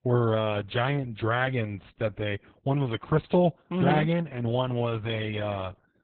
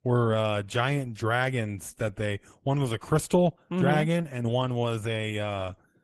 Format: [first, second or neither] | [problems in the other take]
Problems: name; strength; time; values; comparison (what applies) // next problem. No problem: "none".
second | garbled, watery; badly; slightly in the second